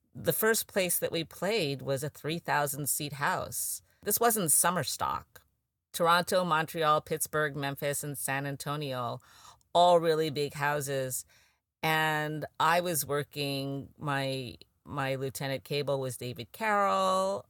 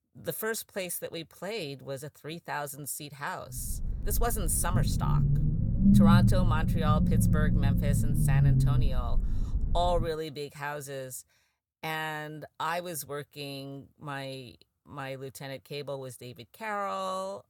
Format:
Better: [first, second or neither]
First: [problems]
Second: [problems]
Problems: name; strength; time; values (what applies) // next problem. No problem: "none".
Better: first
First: none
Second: low rumble; loud; from 3.5 to 10 s; 1 dB below the speech